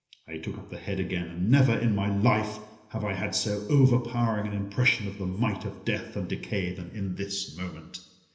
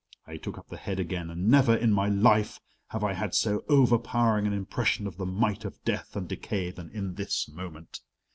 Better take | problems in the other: second | room echo; dies away in 1.4 s

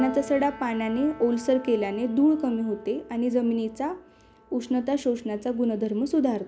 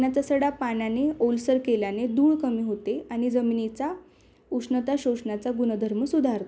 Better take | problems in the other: second | background sound (Piano); 19 dB below the speech

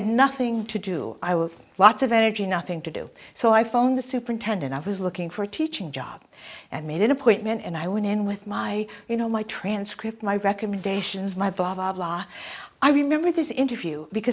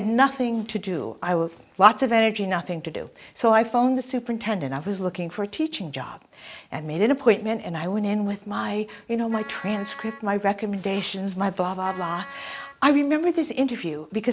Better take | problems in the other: first | background sound (Wind instrument, woodwind instrument); 16 dB below the speech

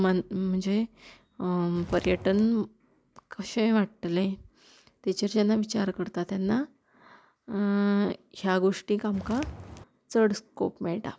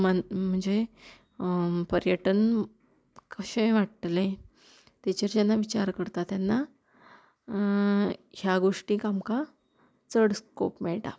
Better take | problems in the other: second | background sound (Walk, footsteps); 12 dB below the speech

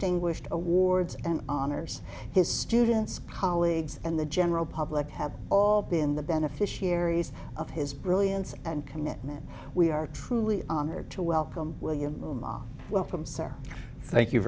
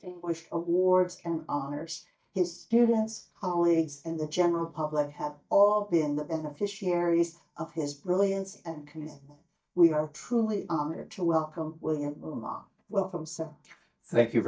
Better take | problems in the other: first | noise reduction (neural mask model DeepFilterNet 3)

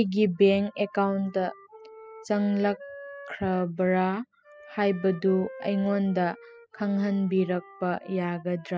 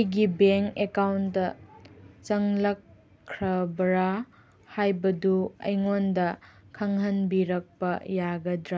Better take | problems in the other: second | noise reduction (classical method spectral subtraction)

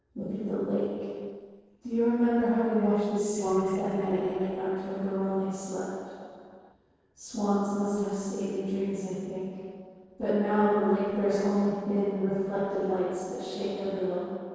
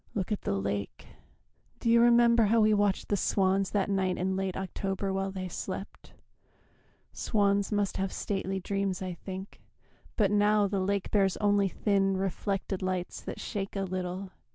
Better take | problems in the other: second | noise reduction (neural separator model SepFormer DNS4)

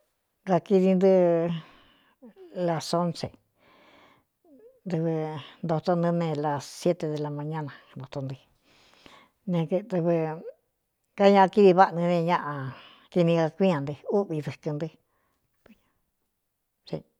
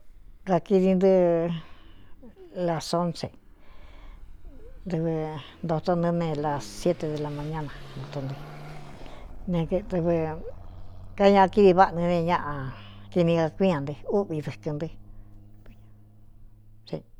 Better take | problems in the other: first | background sound (Car passing by / Accelerating, revving, vroom); 15 dB below the speech

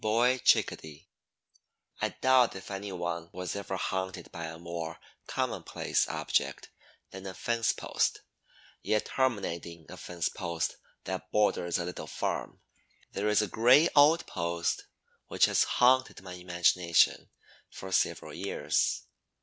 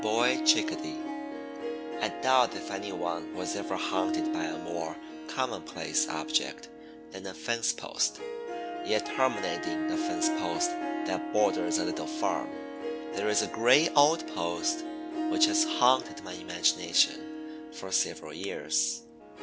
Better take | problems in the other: first | background sound (Harp); 4 dB below the speech

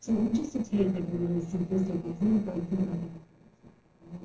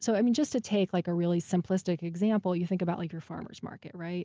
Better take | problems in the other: second | noise reduction (neural separator model SepFormer DNS4)

